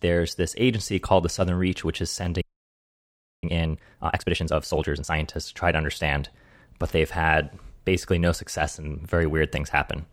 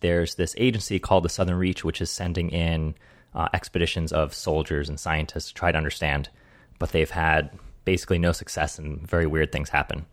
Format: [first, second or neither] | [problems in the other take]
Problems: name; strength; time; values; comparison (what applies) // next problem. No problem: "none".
second | audio freezing; at 2.5 s for 1 s